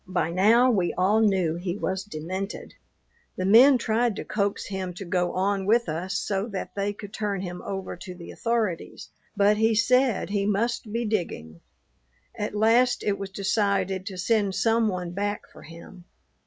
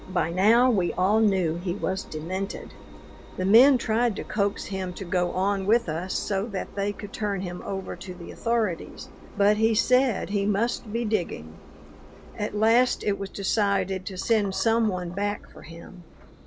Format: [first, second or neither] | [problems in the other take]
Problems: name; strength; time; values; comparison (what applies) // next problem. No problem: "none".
first | background sound (Engine); 18 dB below the speech